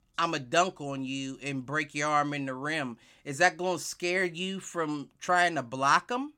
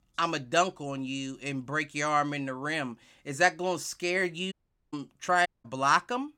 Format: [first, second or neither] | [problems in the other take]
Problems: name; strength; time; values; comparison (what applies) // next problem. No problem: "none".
first | audio cutting out; at 4.5 s and at 5.5 s